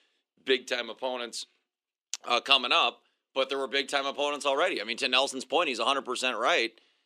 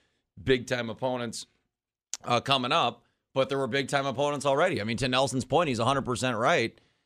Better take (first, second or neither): second